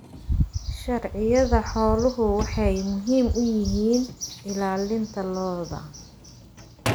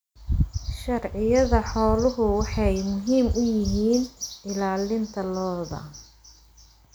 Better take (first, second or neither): second